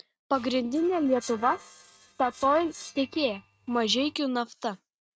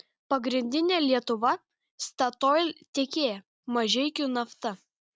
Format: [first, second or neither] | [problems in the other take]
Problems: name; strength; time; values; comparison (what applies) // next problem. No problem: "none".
second | noise reduction (neural mask model RNNoise)